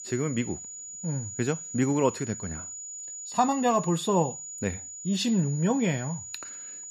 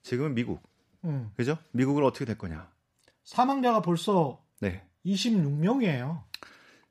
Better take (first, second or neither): second